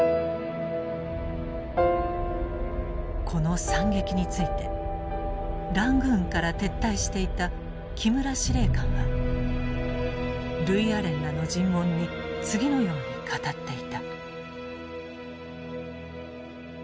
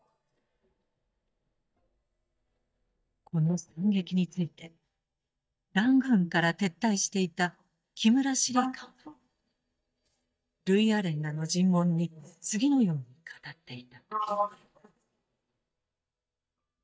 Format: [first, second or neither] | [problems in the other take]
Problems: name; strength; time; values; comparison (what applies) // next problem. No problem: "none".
first | noise reduction (neural mask model DeepFilterNet 3)